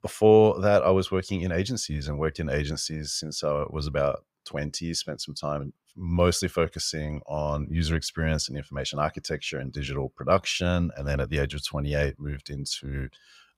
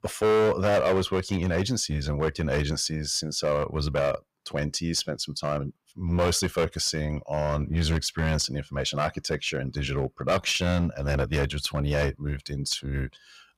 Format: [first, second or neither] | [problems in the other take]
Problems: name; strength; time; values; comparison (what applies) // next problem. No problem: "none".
first | distortion; heavy; 7% of the sound clipped